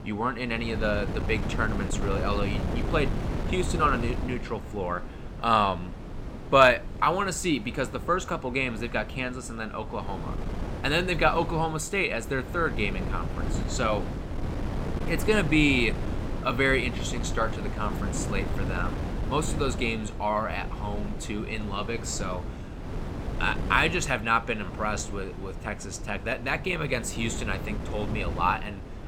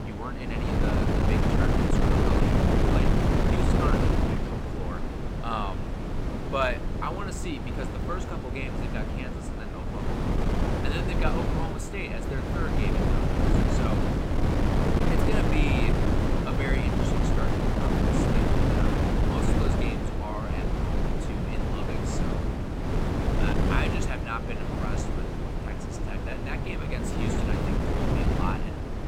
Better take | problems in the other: first | wind noise on the microphone; heavy; 4 dB above the speech; occasional gusts in the first

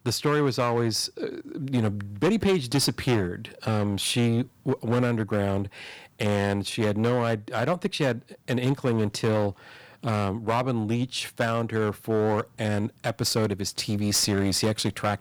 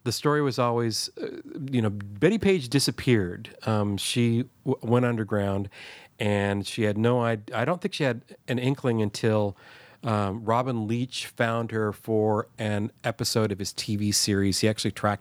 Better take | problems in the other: second | distortion; slight; 8% of the sound clipped

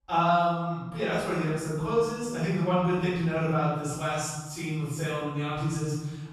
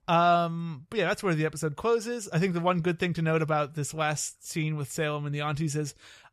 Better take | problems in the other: second | off-mic speech; far // room echo; strong; dies away in 1.2 s

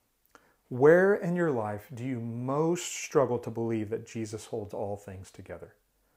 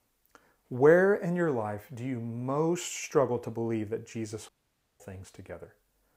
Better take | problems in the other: first | audio cutting out; at 4.5 s for 0.5 s

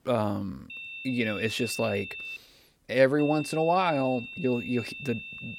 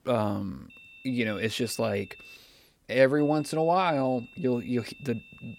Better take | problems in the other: second | high-pitched whine; loud; from 0.5 to 2.5 s and from 3 s on; 2.5 kHz, 10 dB below the speech; faint in the second

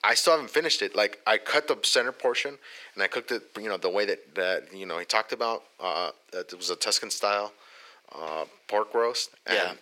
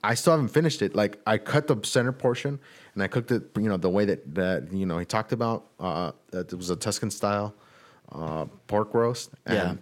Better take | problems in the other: second | thin; very; fading below 450 Hz

